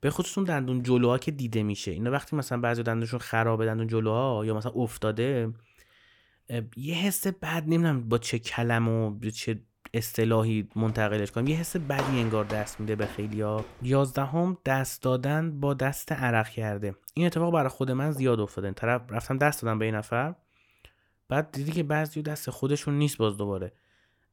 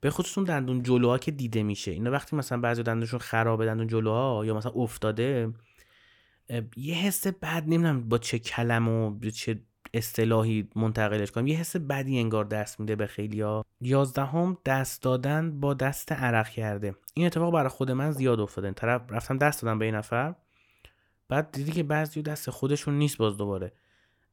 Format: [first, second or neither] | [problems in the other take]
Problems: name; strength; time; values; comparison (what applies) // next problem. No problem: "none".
second | footsteps; noticeable; from 11 to 14 s; peak 5 dB below the speech